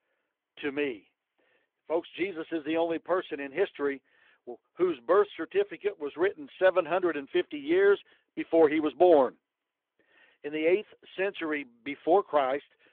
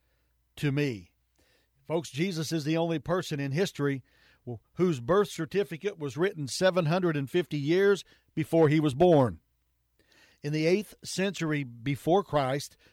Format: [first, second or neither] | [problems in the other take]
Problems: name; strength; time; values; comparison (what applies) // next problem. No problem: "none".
second | phone-call audio